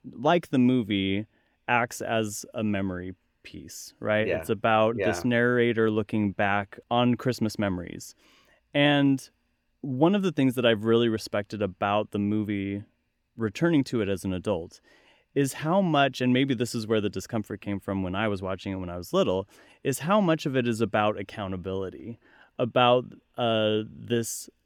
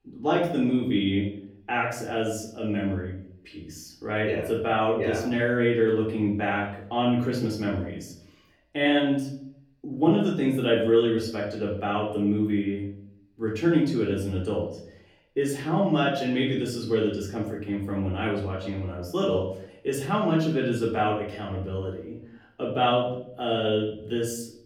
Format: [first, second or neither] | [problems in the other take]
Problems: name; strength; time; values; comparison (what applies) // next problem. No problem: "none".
first | off-mic speech; far // room echo; noticeable; dies away in 0.6 s